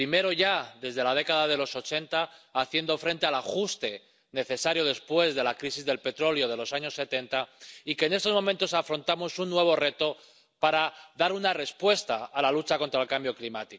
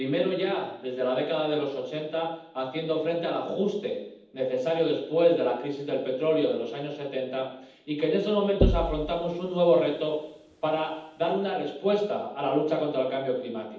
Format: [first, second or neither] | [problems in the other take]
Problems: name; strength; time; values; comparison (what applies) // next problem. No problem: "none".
first | background sound (Knock); 4 dB below the speech // room echo; dies away in 0.8 s